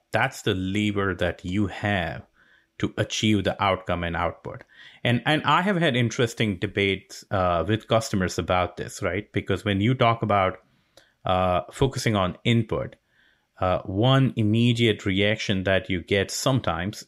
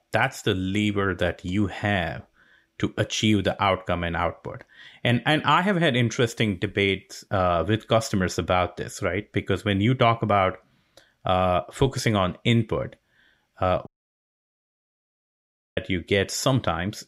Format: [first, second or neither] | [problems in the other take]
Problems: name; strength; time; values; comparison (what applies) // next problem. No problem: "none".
first | audio cutting out; at 14 s for 2 s